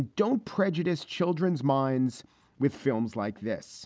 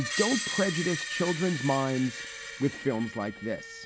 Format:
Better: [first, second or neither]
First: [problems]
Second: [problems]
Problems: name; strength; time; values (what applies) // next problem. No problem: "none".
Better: first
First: none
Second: background sound (Screech); 6 dB below the speech